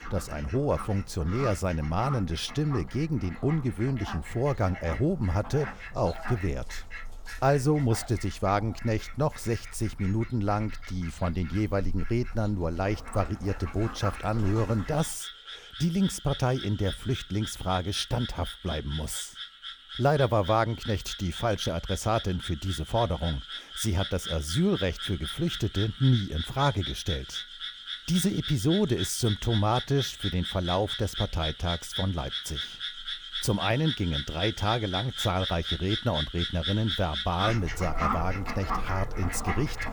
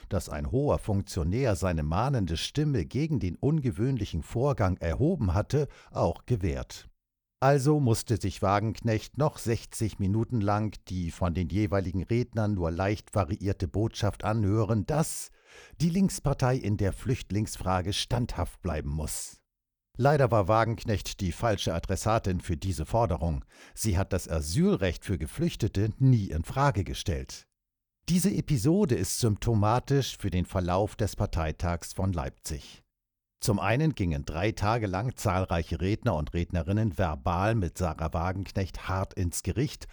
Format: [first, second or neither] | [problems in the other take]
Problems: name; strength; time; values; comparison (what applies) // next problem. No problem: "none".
second | animal sounds; loud; throughout; 8 dB below the speech